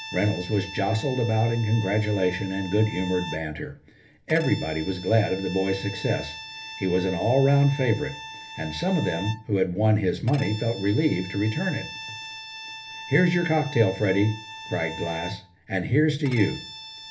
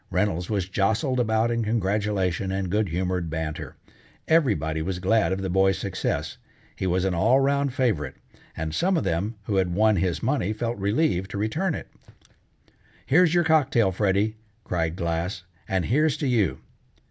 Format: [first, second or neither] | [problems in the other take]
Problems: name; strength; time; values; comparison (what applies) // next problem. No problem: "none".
second | background sound (Bowed string instrument); 14 dB below the speech // room echo; dies away in 0.3 s